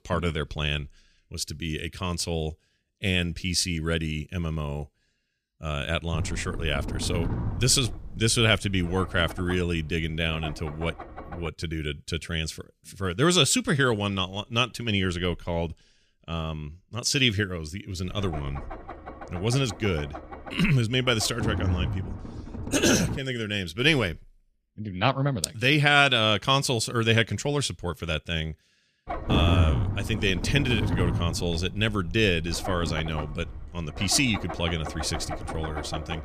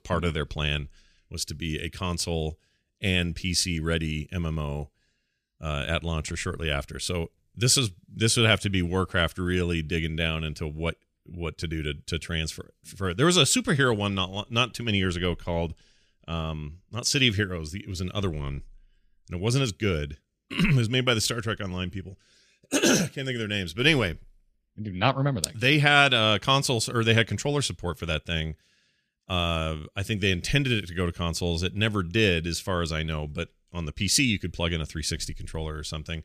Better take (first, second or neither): second